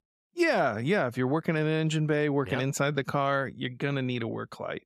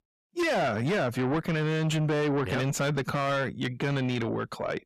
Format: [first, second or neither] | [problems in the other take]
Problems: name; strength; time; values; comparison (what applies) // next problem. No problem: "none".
first | distortion; heavy; 7 dB below the speech